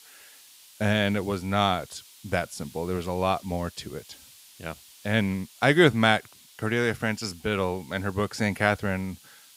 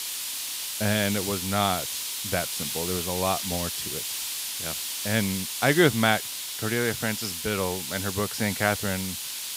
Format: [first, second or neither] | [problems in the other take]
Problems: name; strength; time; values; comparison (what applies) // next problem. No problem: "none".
first | hiss; loud; throughout; 3 dB below the speech; faint in the first